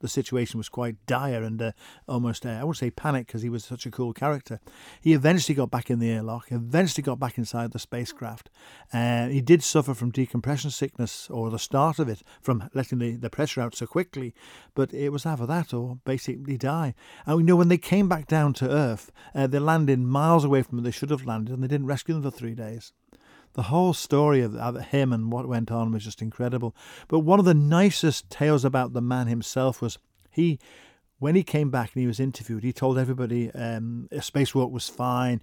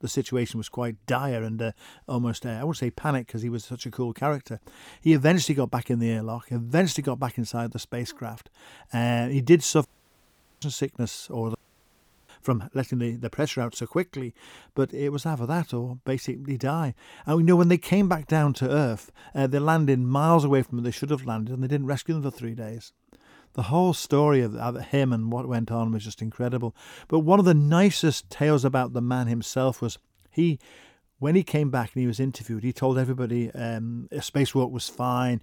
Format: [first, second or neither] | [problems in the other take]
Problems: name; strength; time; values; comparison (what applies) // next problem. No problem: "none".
first | audio cutting out; at 10 s for 1 s and at 12 s for 0.5 s